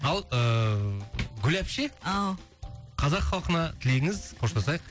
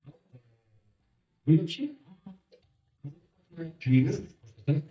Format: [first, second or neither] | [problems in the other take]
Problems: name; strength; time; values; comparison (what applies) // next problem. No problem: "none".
first | noise reduction (neural mask model DeepFilterNet 3)